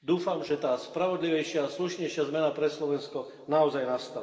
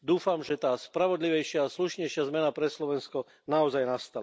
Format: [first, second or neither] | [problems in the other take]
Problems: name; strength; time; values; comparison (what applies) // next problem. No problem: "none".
second | room echo; dies away in 2 s